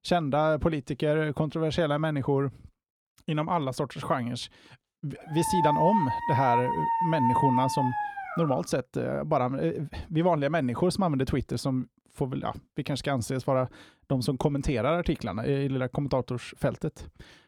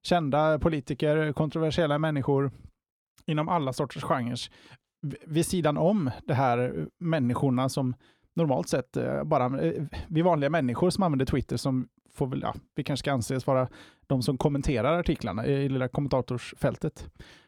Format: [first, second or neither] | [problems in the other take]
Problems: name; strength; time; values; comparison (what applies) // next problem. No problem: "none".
second | dog barking; loud; from 5.5 to 8.5 s; peak 4 dB above the speech